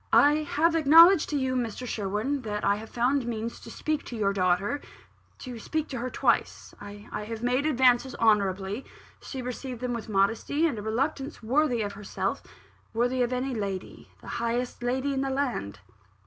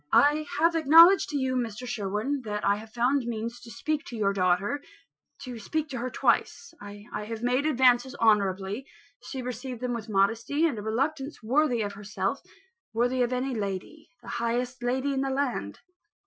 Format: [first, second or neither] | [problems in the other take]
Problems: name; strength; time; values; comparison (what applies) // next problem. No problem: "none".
first | noise reduction (classical method Wiener filter)